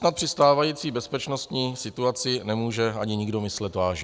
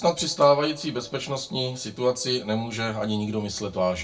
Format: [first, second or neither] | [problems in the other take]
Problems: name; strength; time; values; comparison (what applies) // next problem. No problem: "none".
first | room echo; dies away in 0.2 s